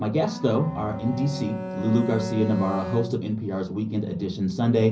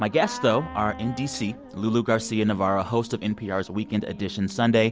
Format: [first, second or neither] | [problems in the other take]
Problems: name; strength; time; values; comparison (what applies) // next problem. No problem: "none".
second | background sound (Bowed string instrument); 11 dB below the speech // room echo; dies away in 0.5 s